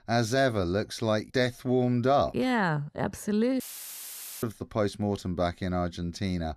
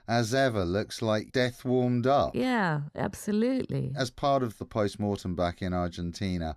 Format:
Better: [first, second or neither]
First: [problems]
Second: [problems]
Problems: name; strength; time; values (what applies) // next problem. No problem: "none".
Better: second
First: audio cutting out; filled with static; at 3.5 s for 1 s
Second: none